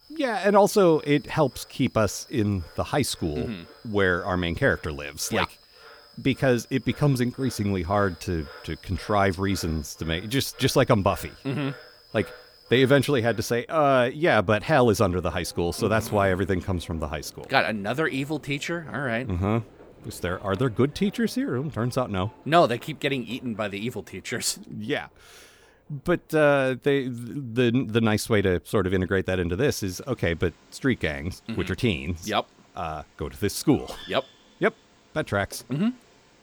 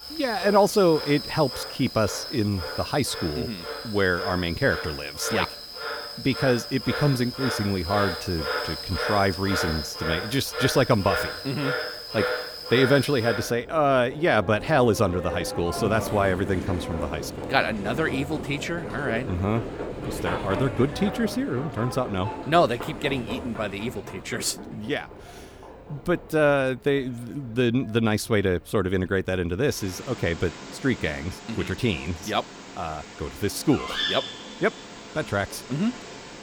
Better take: first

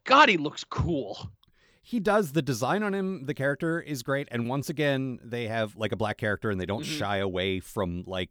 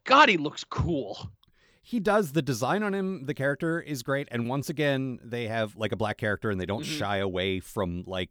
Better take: neither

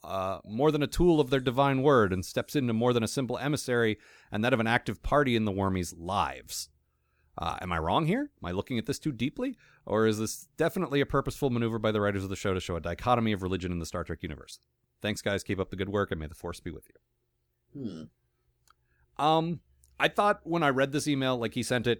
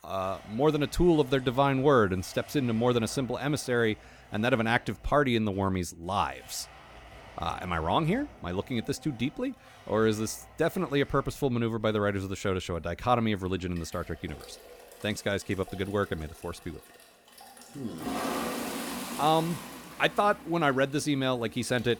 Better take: first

